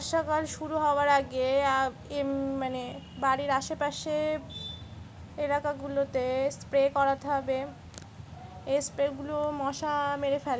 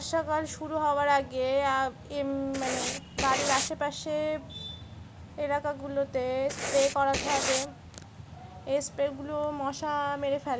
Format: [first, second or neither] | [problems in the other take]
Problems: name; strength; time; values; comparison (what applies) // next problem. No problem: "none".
first | background sound (Writing); 3 dB below the speech